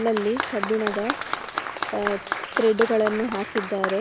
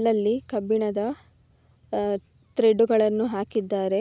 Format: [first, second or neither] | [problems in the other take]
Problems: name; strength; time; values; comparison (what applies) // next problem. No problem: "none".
second | background sound (Applause); 5 dB below the speech